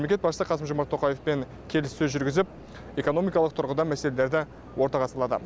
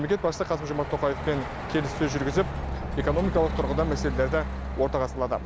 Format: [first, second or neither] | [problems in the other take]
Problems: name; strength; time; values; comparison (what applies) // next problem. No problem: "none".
first | background sound (Truck); 4 dB below the speech